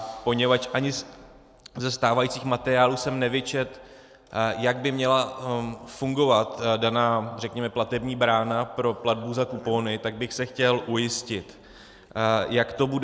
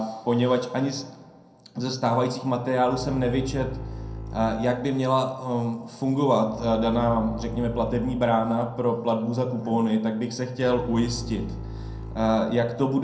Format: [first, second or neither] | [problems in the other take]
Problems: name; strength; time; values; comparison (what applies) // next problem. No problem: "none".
first | background sound (Bowed string instrument); 11 dB below the speech // room echo; dies away in 0.6 s